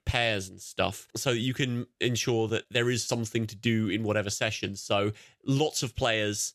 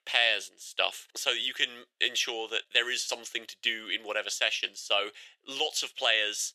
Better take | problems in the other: first | thin; very; fading below 550 Hz

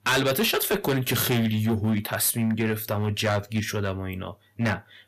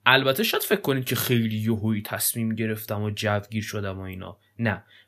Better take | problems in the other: second | distortion; heavy; 11% of the sound clipped

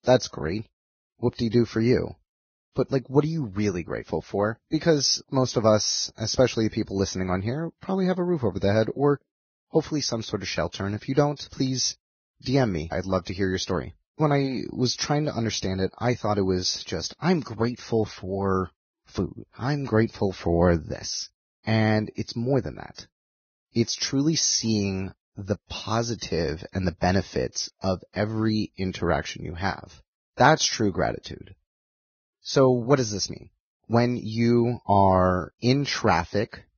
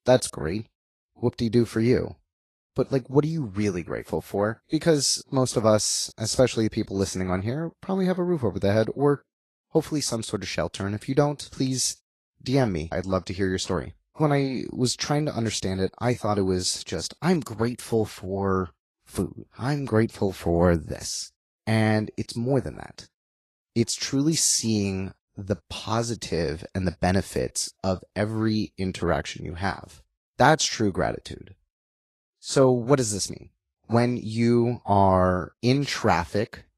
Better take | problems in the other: second | garbled, watery; badly; nothing above 6.5 kHz; slightly in the second

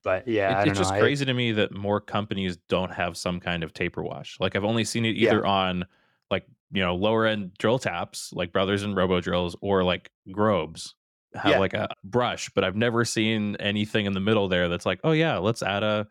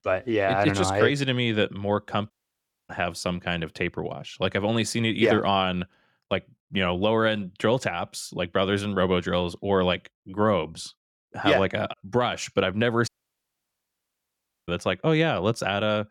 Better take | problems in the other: first | audio cutting out; at 2.5 s for 0.5 s and at 13 s for 1.5 s

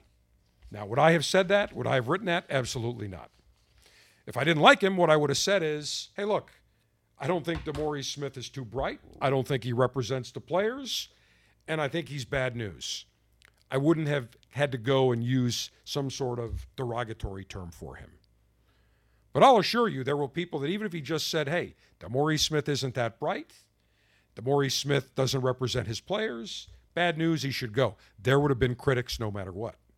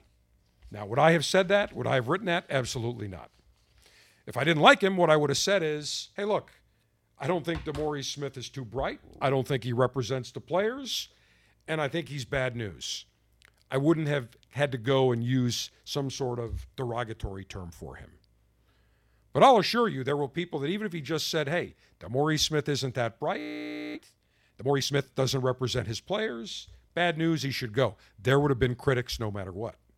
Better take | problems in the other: first | audio freezing; at 23 s for 0.5 s

